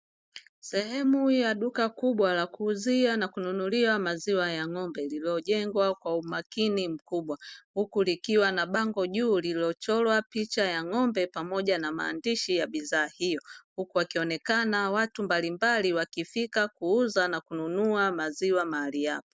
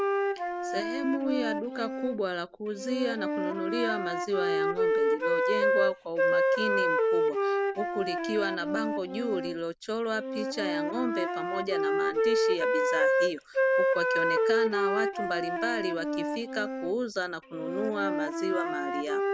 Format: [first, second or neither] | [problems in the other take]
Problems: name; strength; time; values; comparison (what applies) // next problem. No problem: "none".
first | background sound (Wind instrument, woodwind instrument); 5 dB above the speech